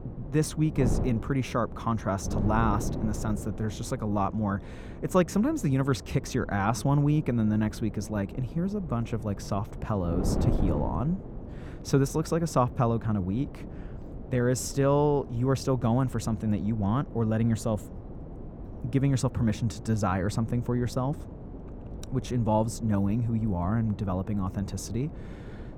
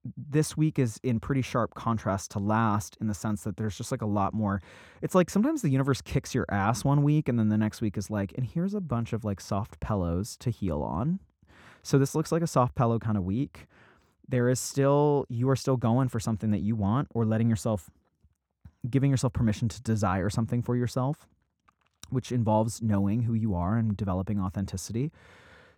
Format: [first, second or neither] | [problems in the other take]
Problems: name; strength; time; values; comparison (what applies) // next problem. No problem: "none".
second | wind noise on the microphone; occasional gusts; 15 dB below the speech